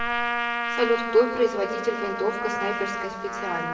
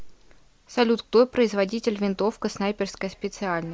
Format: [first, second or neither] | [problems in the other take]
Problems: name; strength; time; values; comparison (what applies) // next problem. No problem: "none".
second | background sound (Trumpet); 3 dB below the speech // room echo; dies away in 1.9 s